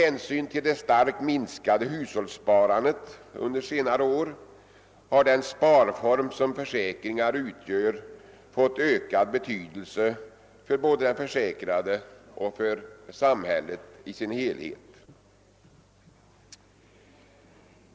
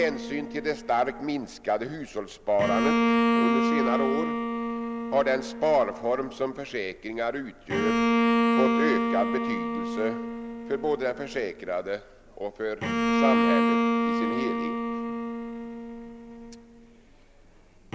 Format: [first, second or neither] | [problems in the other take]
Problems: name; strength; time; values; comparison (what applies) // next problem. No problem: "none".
first | background sound (Bowed string instrument); 2 dB above the speech